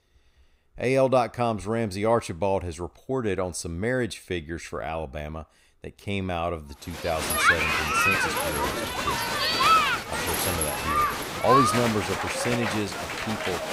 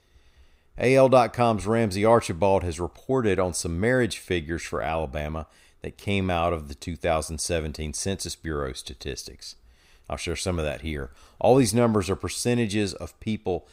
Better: second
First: crowd noise; very loud; from 7 s on; 4 dB above the speech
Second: none

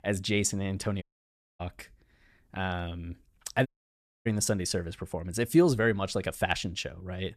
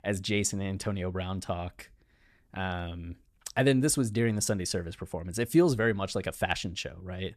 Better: second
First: audio cutting out; at 1 s for 0.5 s and at 3.5 s for 0.5 s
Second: none

